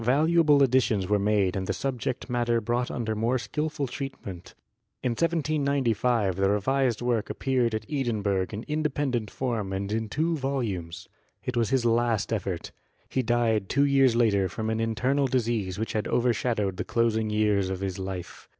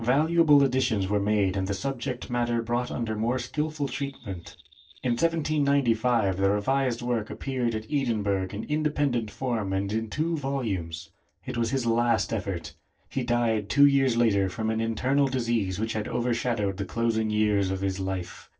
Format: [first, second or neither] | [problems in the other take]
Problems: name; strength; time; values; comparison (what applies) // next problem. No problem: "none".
first | noise reduction (neural separator model SepFormer DNS4)